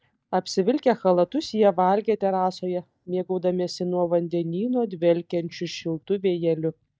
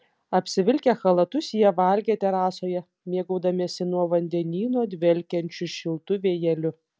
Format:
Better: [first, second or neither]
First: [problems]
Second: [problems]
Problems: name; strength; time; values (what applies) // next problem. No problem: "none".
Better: second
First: noise reduction (neural mask model DeepFilterNet 3)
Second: none